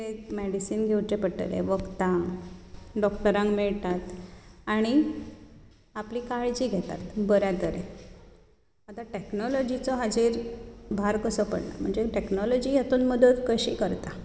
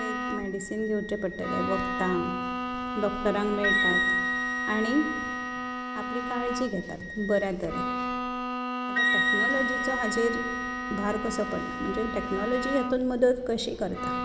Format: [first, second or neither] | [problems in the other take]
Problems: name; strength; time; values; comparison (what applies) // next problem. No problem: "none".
first | background sound (Bowed string instrument + Wind instrument, woodwind instrument); as loud as the speech